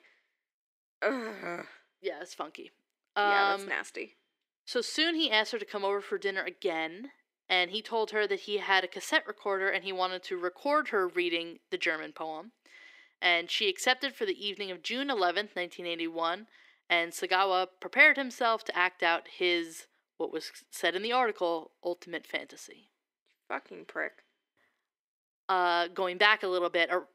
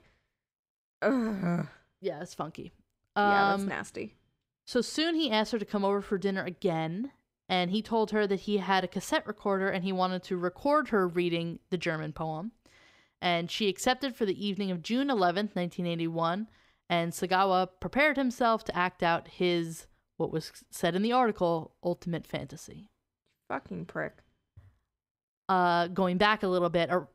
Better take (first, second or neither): second